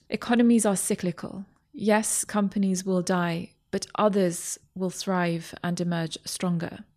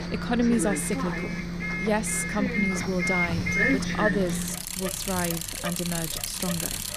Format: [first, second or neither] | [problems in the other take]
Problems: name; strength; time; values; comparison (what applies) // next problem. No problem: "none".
first | traffic noise; very loud; throughout; 1 dB above the speech